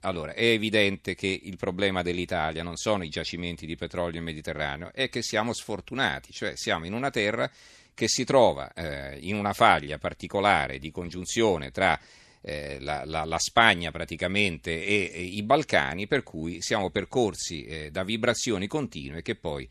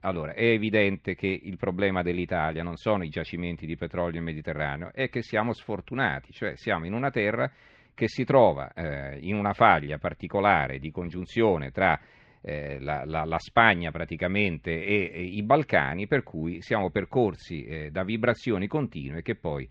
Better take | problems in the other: first | muffled; very; fading above 2.5 kHz

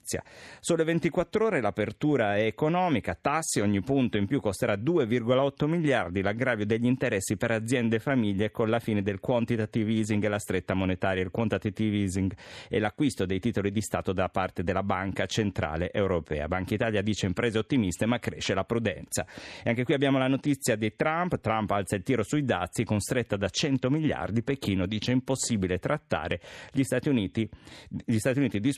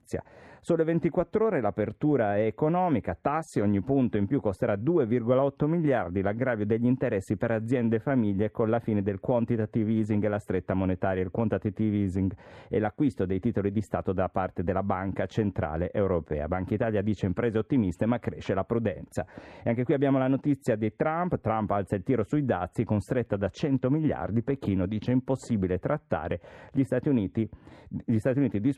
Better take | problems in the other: first | muffled; very; fading above 2 kHz

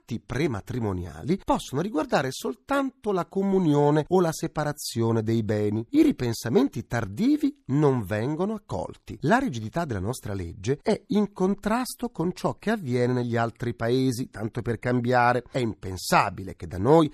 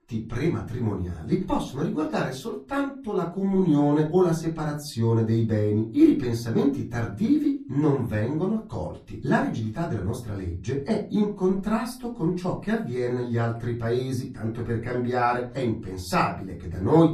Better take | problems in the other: first | off-mic speech; far // room echo; slight; dies away in 0.3 s

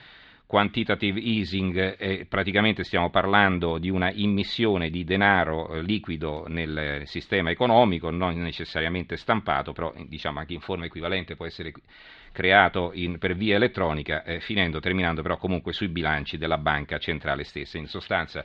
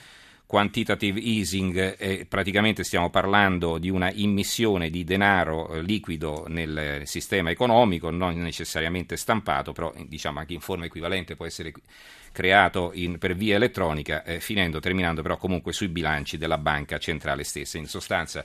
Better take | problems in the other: second | muffled; slightly; fading above 4 kHz

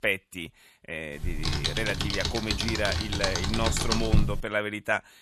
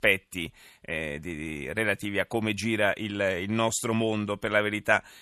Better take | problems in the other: second | keyboard typing; loud; from 1 to 4.5 s; peak 5 dB above the speech

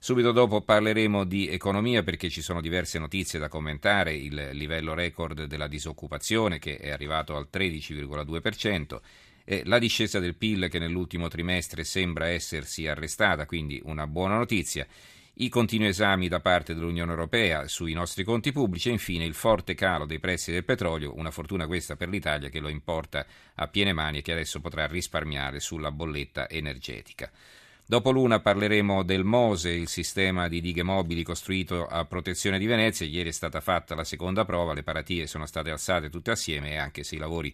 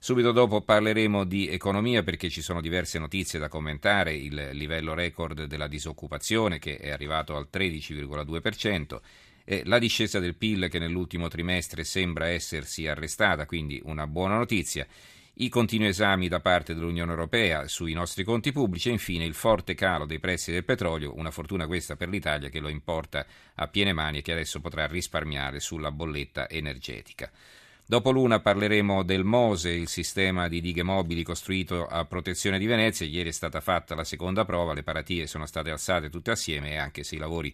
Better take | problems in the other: neither | none

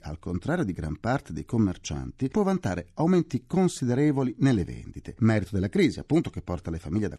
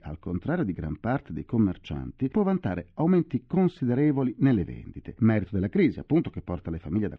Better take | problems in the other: first | muffled; very; fading above 3 kHz

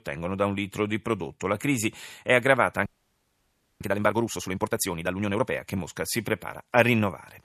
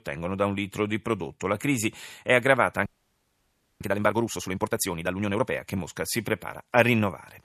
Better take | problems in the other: neither | audio freezing; at 3 s for 1 s; the same in both

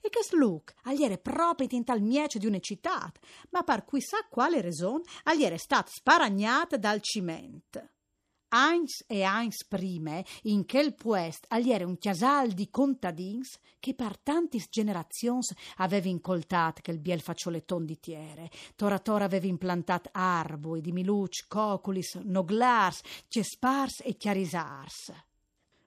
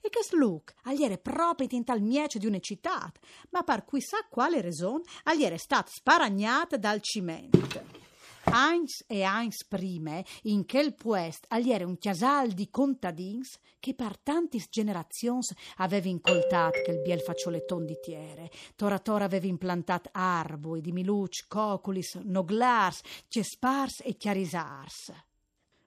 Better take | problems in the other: first | footsteps; loud; at 7.5 s; peak 4 dB above the speech // doorbell; loud; from 16 to 18 s; peak 4 dB above the speech

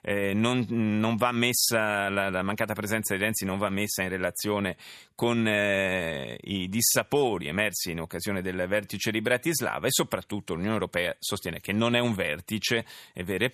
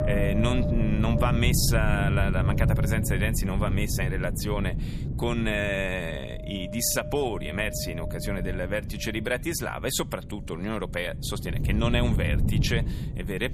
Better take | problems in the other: first | wind noise on the microphone; heavy; 8 dB below the speech

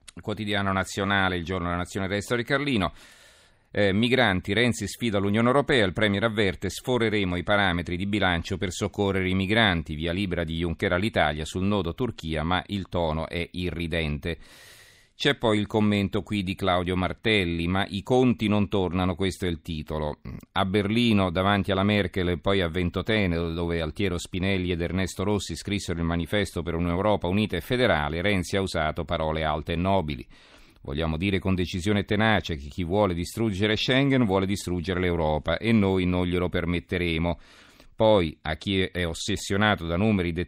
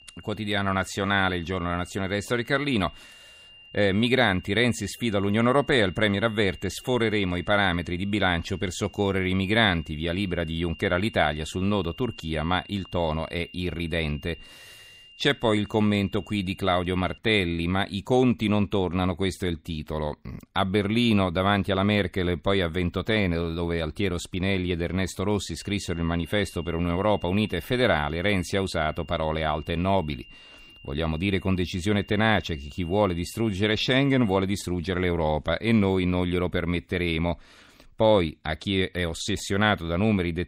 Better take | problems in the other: first | high-pitched whine; faint; until 17 s and from 26 to 34 s; 3 kHz, 20 dB below the speech

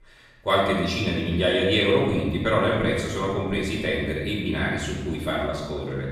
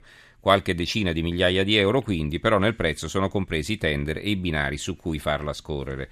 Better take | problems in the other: second | off-mic speech; far // room echo; noticeable; dies away in 1.1 s

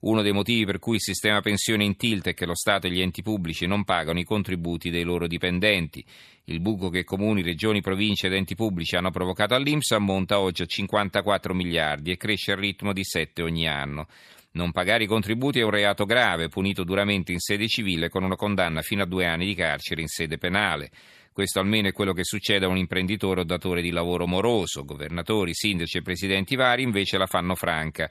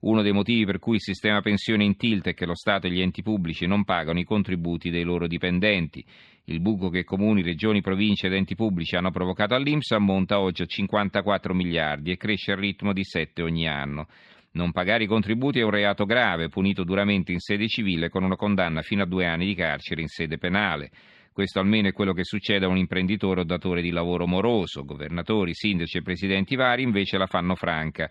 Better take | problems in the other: first | muffled; very slightly; fading above 4 kHz

